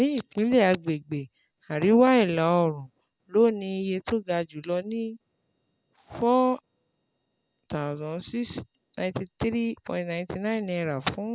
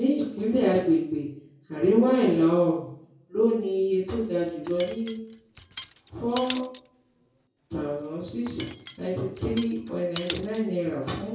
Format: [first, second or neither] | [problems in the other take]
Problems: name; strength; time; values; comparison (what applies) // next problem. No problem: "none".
first | background sound (Cutlery, silverware); 17 dB below the speech // room echo; dies away in 0.6 s